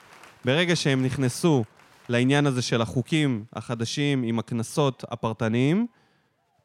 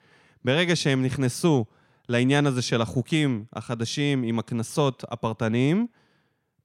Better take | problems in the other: second | crowd noise; faint; throughout; 30 dB below the speech

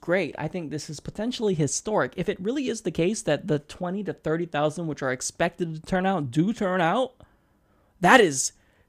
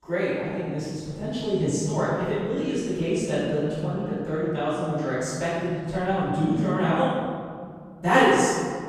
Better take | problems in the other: first | off-mic speech; far // room echo; strong; dies away in 2.1 s

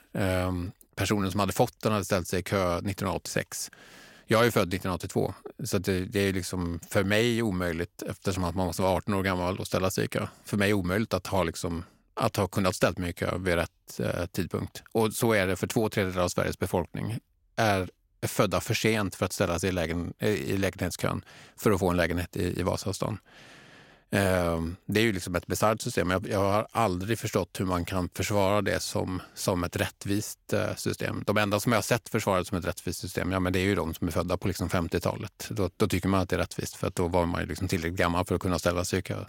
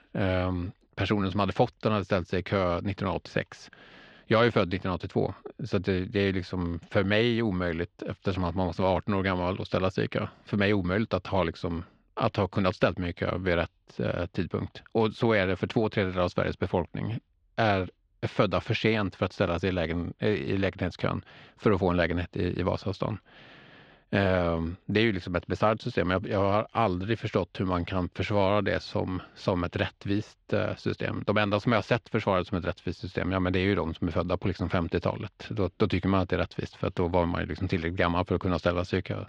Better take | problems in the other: first | muffled; slightly; fading above 3.5 kHz

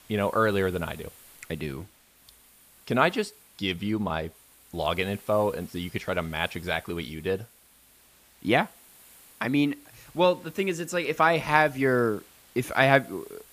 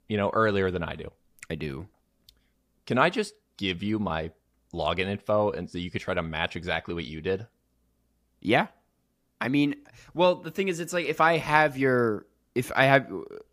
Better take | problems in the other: second | hiss; faint; throughout; 25 dB below the speech

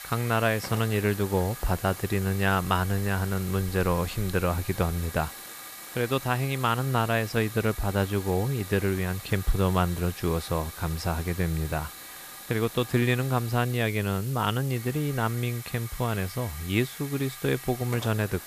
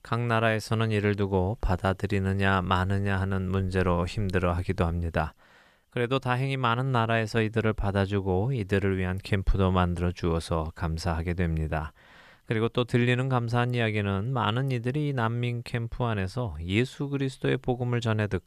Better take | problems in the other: second | hiss; noticeable; throughout; 10 dB below the speech

